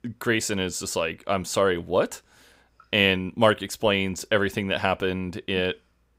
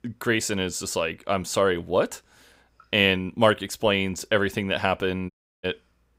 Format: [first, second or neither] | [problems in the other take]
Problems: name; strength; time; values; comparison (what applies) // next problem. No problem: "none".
first | audio cutting out; at 5.5 s